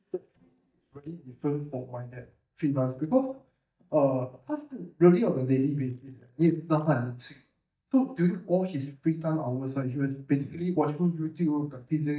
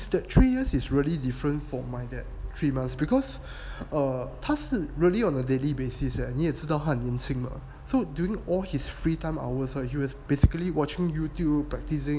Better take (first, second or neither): second